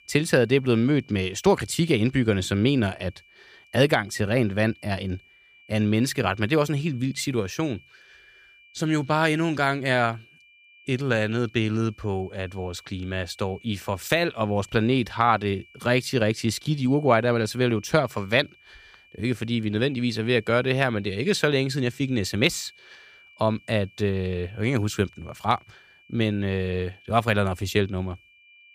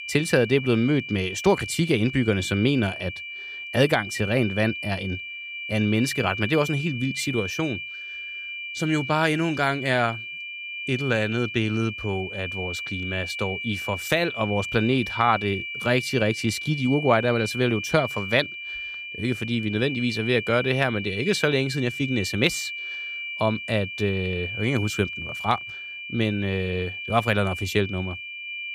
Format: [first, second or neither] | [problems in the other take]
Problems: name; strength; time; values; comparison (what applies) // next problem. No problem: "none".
first | high-pitched whine; loud; throughout; 2.5 kHz, 7 dB below the speech; faint in the first